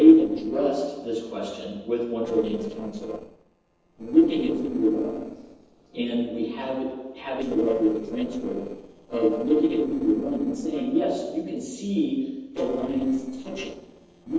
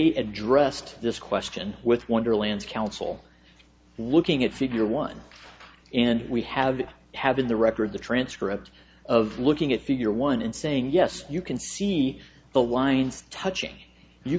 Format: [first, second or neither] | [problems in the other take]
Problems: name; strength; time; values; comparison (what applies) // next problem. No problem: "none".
second | noise reduction (neural separator model SepFormer DNS4)